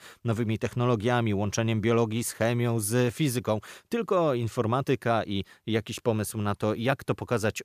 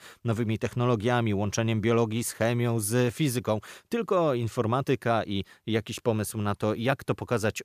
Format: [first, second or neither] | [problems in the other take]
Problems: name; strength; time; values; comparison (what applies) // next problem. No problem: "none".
neither | none